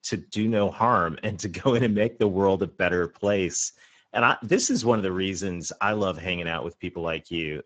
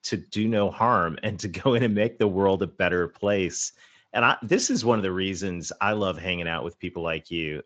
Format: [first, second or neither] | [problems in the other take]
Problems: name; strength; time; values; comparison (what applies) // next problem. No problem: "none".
second | garbled, watery; badly; slightly in the second